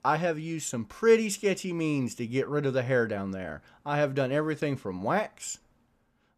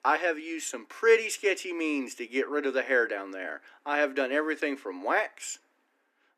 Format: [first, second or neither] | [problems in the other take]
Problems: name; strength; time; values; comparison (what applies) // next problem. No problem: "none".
first | thin; somewhat; fading below 250 Hz